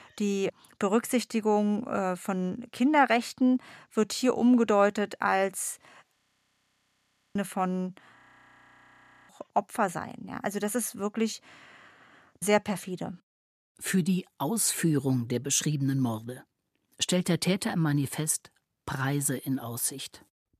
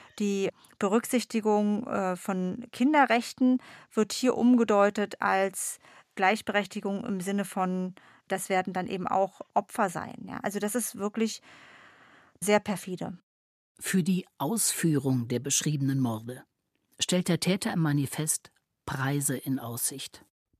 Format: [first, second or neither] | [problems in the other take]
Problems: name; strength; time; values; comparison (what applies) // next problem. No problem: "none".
second | audio freezing; at 6 s for 1 s and at 8 s for 1 s